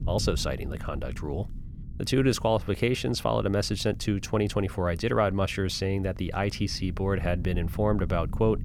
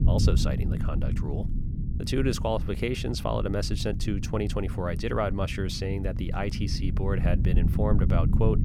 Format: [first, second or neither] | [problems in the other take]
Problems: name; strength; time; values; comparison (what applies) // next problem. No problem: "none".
first | low rumble; loud; throughout; 9 dB below the speech; faint in the first